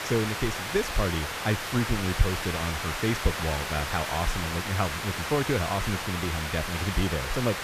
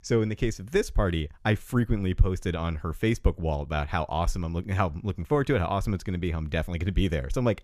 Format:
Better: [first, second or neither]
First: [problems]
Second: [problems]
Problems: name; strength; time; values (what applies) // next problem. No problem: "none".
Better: second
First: hiss; loud; throughout; 2 dB below the speech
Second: none